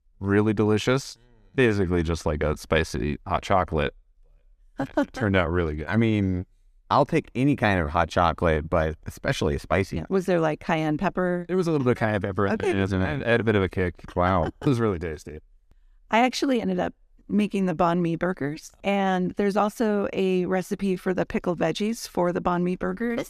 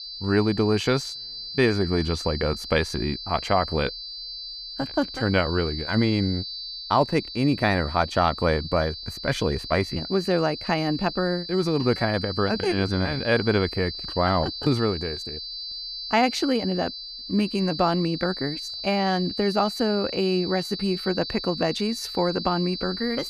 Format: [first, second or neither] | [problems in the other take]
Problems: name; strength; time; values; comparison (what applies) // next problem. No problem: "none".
first | high-pitched whine; loud; throughout; 4.5 kHz, 8 dB below the speech